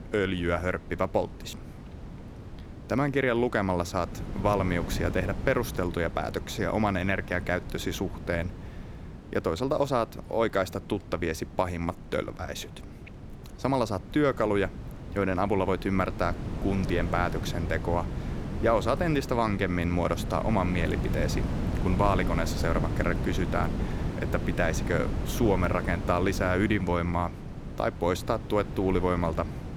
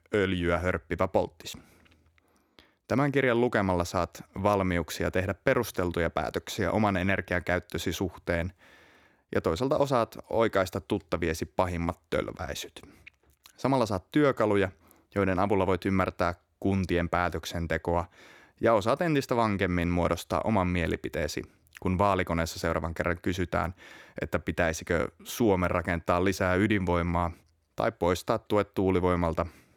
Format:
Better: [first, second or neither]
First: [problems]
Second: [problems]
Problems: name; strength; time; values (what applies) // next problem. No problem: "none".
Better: second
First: wind noise on the microphone; occasional gusts; 15 dB below the speech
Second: none